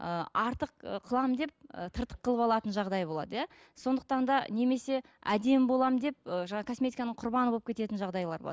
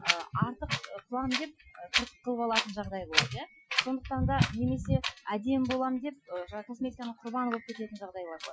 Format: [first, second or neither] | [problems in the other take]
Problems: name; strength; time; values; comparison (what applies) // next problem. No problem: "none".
first | noise reduction (classical method Wiener filter)